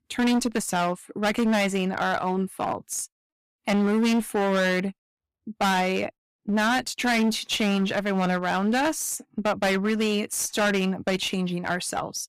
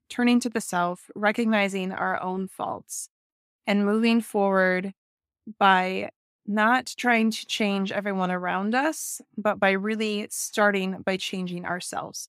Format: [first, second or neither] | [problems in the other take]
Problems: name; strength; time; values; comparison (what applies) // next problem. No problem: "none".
second | distortion; heavy; 18% of the sound clipped